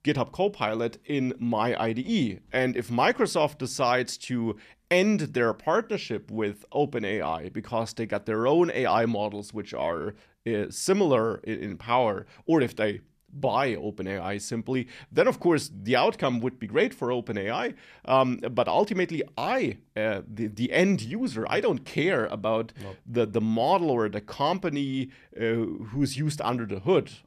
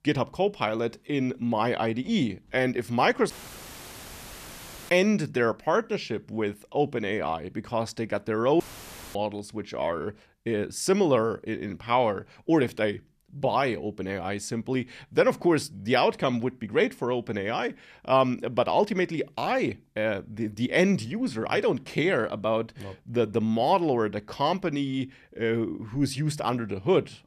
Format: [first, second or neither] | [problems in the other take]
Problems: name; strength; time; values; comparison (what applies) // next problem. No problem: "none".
first | audio cutting out; filled with static; at 3.5 s for 1.5 s and at 8.5 s for 0.5 s